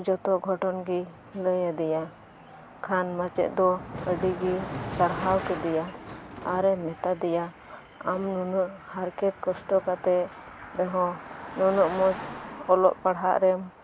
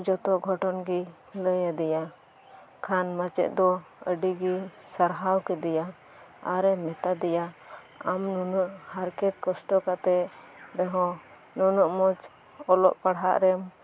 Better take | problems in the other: second | background sound (Car passing by); 13 dB below the speech

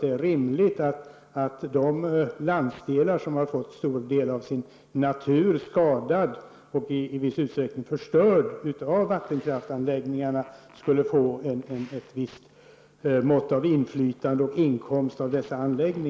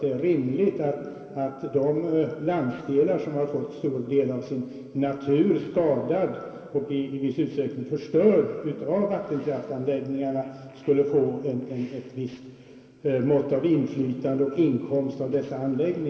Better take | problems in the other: first | room echo; dies away in 2.4 s

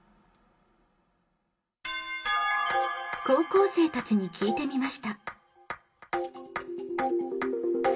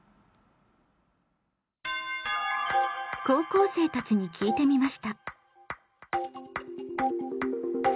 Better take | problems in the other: second | room echo; dies away in 0.2 s

